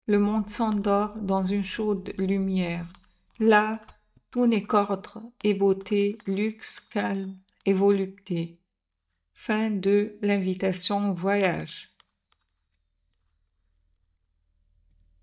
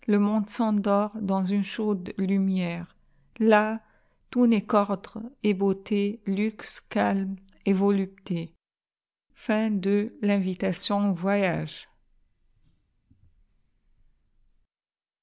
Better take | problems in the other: second | noise reduction (neural mask model DeepFilterNet 3)

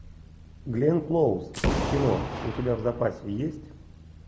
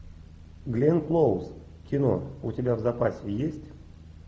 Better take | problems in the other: second | background sound (Boom); 4 dB below the speech

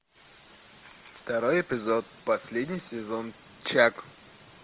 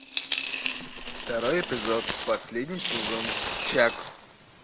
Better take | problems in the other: first | background sound (Coin (dropping)); 3 dB below the speech

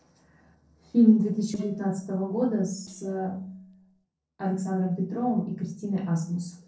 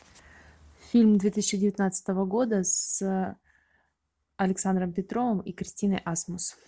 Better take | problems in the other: second | noise reduction (neural separator model SepFormer DNS4)

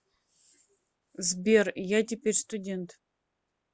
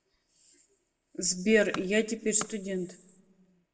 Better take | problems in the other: first | background sound (Tools); 15 dB below the speech // room echo; dies away in 1 s

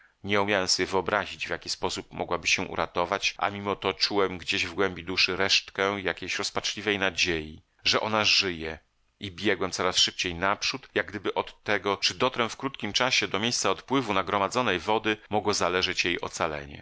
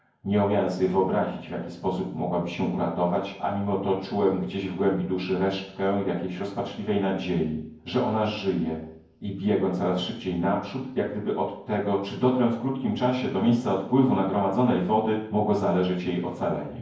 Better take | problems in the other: first | room echo; dies away in 0.9 s

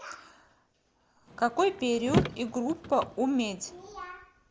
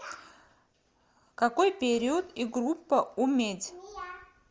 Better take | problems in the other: second | background sound (Car); 4 dB below the speech

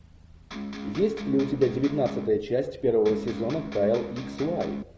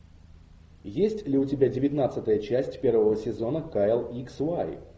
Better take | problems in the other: second | background sound (Electric guitar); 8 dB below the speech

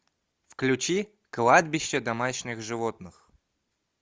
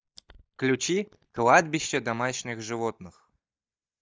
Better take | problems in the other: first | noise reduction (neural mask model DeepFilterNet 3)

